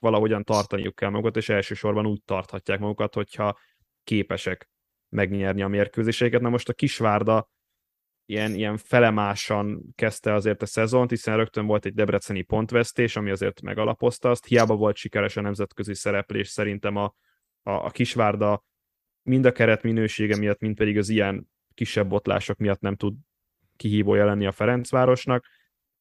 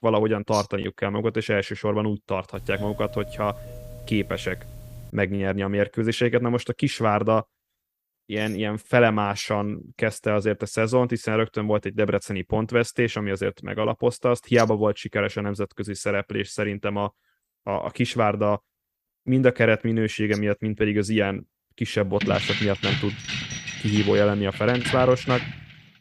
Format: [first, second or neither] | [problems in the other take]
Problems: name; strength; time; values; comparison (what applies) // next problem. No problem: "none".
first | doorbell; faint; from 2.5 to 5 s; peak 15 dB below the speech // jangling keys; noticeable; from 22 s on; peak 2 dB below the speech